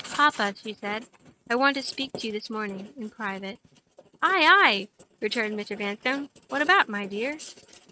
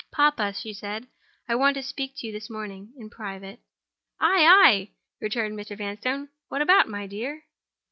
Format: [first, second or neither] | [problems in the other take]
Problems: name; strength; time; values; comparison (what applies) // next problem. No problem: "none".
second | noise reduction (neural mask model RNNoise)